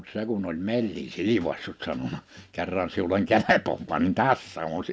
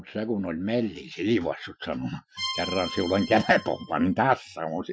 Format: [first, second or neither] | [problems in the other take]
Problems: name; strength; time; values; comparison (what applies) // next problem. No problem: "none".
first | noise reduction (classical method Wiener filter)